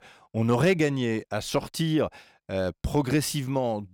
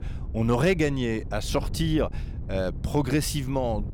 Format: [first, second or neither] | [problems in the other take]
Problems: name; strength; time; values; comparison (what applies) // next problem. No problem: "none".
first | wind noise on the microphone; occasional gusts; 20 dB below the speech